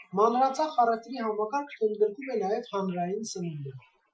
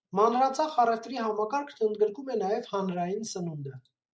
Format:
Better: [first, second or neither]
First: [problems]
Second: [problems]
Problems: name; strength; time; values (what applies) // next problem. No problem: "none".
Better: second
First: noise reduction (classical method Wiener filter)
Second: none